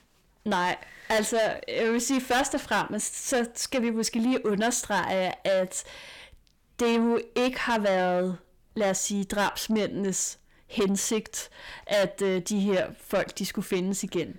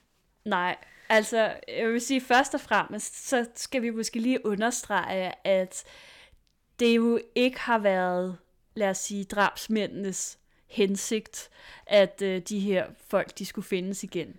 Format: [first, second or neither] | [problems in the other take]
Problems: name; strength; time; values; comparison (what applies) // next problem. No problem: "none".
second | distortion; heavy; 7 dB below the speech